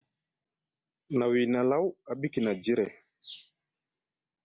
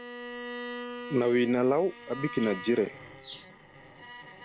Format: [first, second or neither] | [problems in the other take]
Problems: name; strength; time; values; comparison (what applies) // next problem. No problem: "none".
first | background sound (Bowed string instrument); 12 dB below the speech